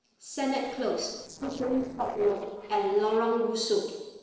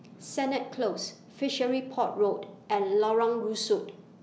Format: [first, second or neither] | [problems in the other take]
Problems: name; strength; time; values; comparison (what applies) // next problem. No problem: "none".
second | noise reduction (neural separator model SepFormer DNS4)